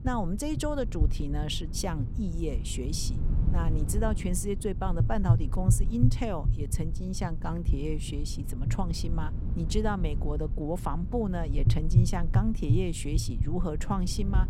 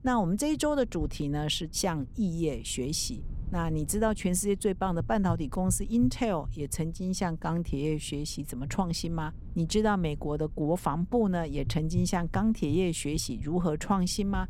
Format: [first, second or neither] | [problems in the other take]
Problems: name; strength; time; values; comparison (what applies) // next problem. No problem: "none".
second | low rumble; loud; throughout; 9 dB below the speech; faint in the second